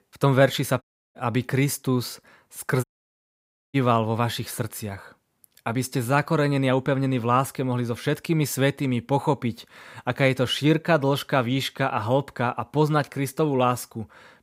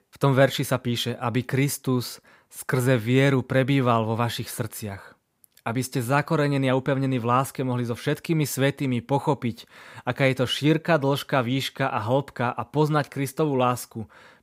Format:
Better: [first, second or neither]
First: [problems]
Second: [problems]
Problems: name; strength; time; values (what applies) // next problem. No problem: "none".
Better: second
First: audio cutting out; at 1 s and at 3 s for 1 s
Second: none